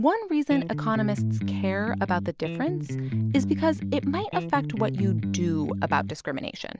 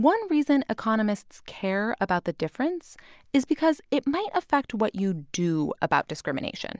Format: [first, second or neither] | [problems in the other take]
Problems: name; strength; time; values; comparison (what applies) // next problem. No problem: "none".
second | background sound (Electric guitar); 2 dB below the speech